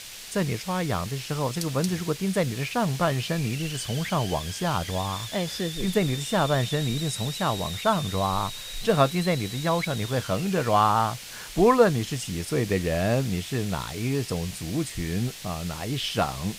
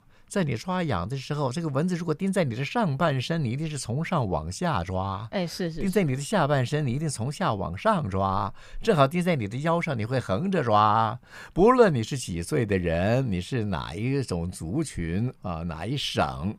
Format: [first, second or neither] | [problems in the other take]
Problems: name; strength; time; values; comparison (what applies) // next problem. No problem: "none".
second | hiss; loud; throughout; 10 dB below the speech